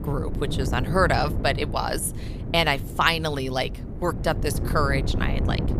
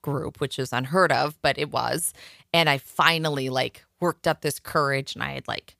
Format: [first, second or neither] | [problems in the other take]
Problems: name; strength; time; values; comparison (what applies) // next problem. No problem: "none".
second | wind noise on the microphone; occasional gusts; 15 dB below the speech